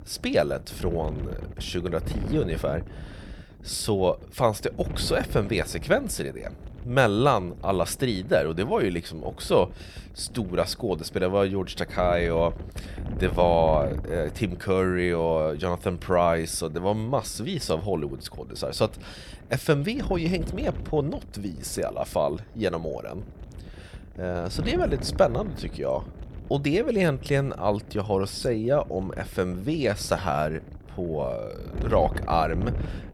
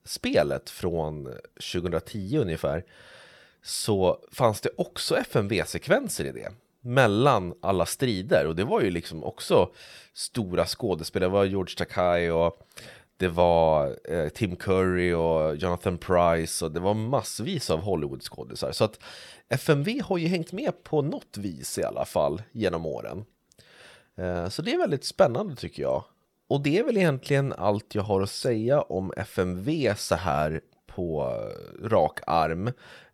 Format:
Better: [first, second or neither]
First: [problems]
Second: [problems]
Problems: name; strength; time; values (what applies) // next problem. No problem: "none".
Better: second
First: wind noise on the microphone; occasional gusts; 20 dB below the speech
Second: none